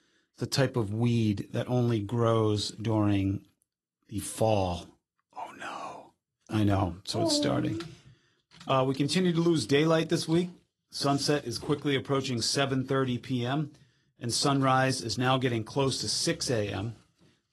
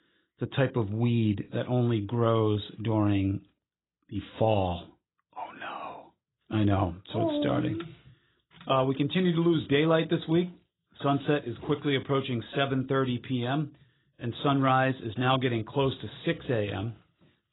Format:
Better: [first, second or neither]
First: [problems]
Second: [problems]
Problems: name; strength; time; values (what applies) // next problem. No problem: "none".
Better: first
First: garbled, watery; slightly; nothing above 11 kHz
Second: garbled, watery; badly; nothing above 4 kHz